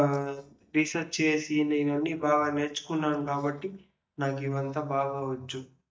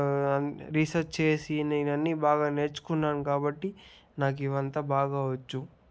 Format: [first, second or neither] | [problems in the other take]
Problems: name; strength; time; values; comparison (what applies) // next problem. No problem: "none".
second | noise reduction (neural mask model DeepFilterNet 3)